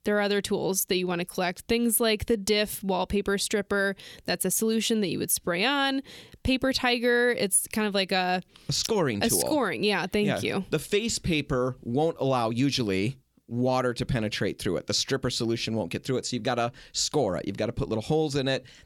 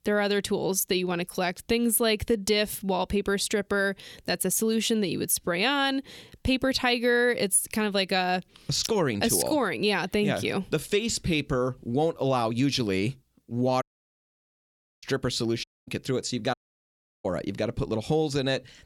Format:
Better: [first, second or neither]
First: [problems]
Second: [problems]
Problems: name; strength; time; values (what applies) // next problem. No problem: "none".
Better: first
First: none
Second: audio cutting out; at 14 s for 1 s, at 16 s and at 17 s for 0.5 s